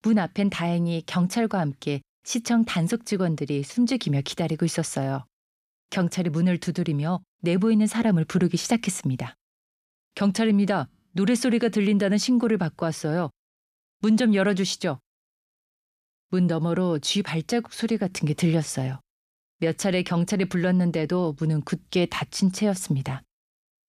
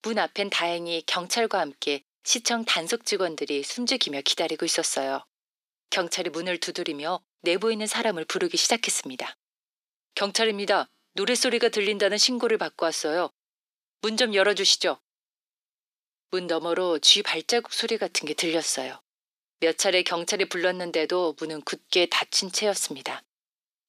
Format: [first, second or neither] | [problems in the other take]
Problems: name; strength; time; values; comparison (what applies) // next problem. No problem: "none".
first | thin; very; fading below 350 Hz